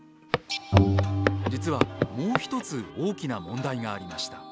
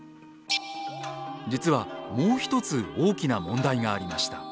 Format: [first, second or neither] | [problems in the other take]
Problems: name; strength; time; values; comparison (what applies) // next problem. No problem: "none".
second | background sound (Walk, footsteps + Bowed string instrument); 5 dB above the speech